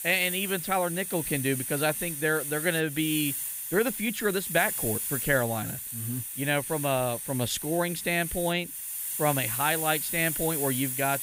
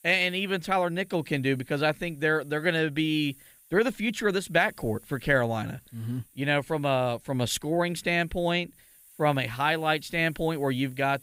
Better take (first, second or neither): second